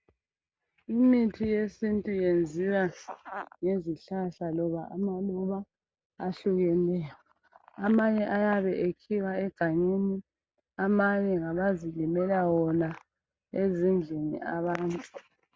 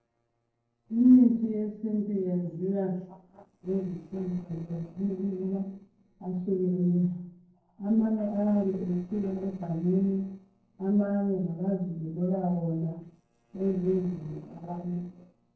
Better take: first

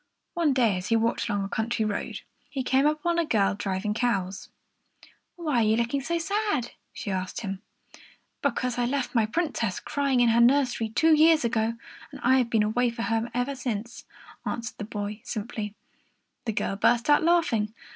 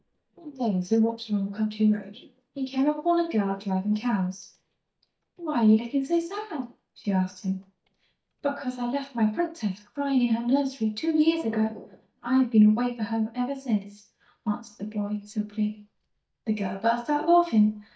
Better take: first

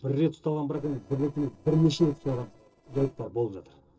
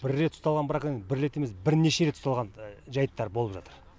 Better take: second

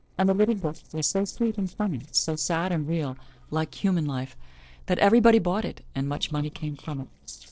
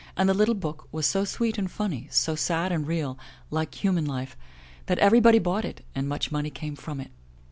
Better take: second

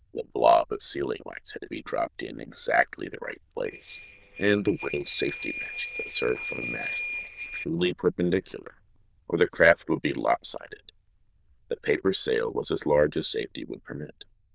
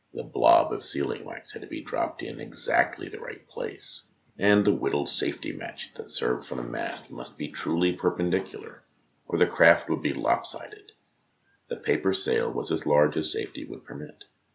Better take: second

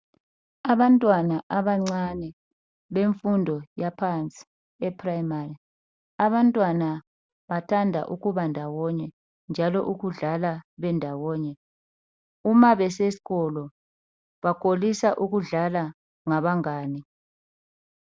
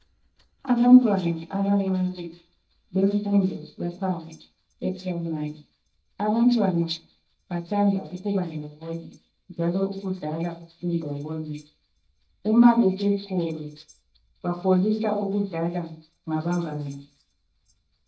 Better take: first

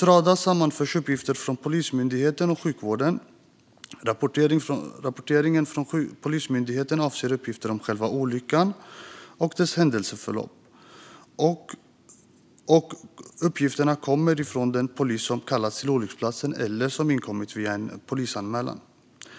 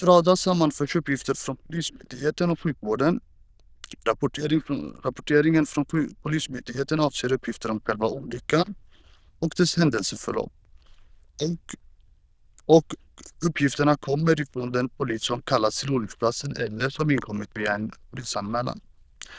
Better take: first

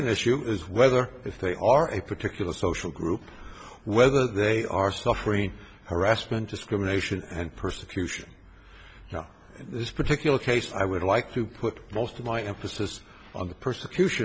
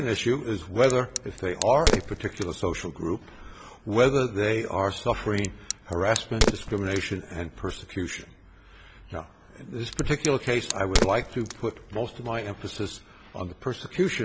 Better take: first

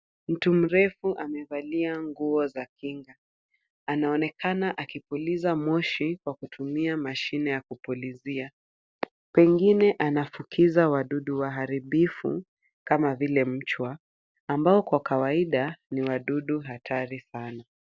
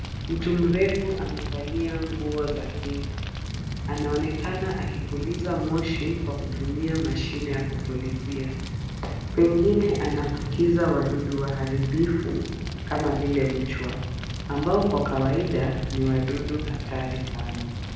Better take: first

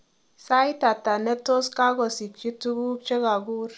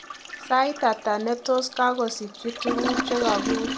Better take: first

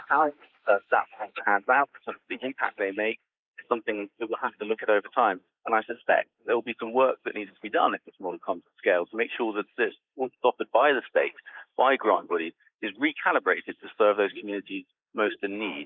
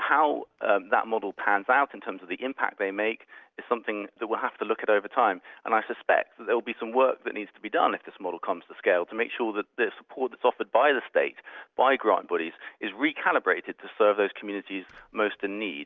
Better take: second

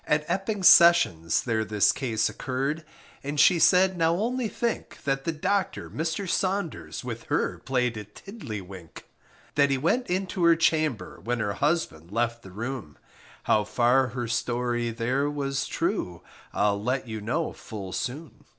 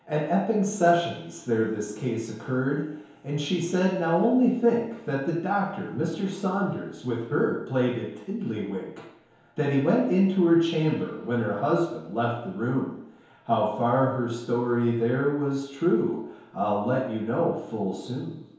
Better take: first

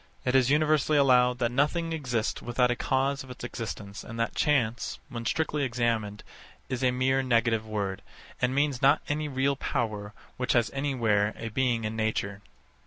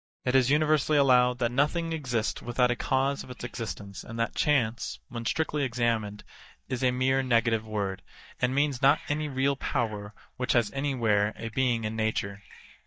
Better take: first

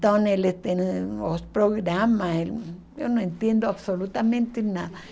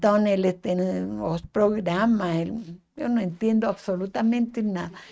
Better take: first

